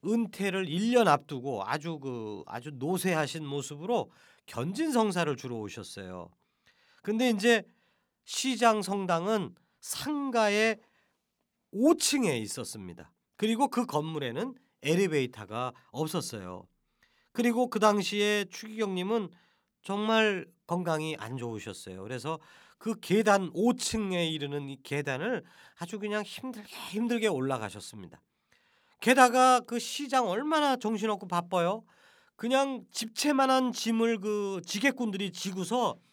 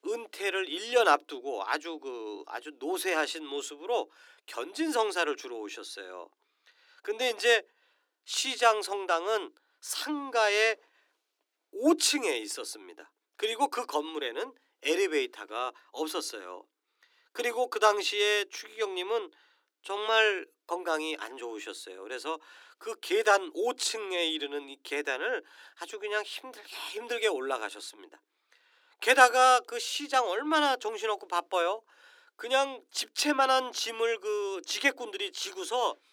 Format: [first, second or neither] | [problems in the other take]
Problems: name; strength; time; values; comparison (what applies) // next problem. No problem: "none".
first | thin; somewhat; fading below 300 Hz